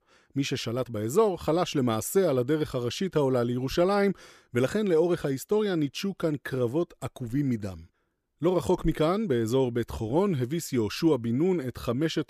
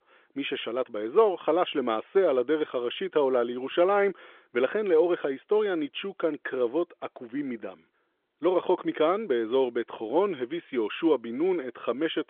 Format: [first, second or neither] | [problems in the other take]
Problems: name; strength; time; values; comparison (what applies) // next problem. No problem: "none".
first | phone-call audio; nothing above 3.5 kHz